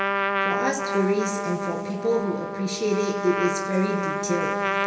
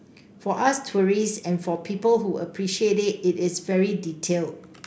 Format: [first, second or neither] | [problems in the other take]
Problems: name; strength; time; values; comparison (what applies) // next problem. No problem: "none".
second | background sound (Trumpet); 1 dB below the speech // room echo; dies away in 2.4 s